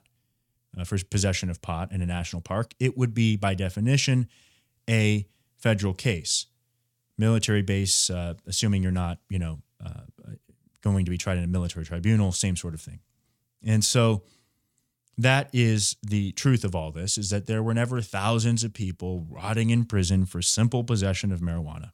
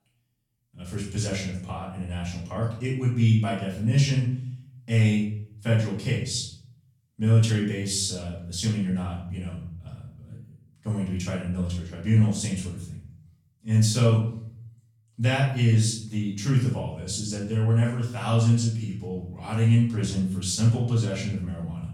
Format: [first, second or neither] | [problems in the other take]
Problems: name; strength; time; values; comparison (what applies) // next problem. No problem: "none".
first | off-mic speech; far // room echo; noticeable; dies away in 0.6 s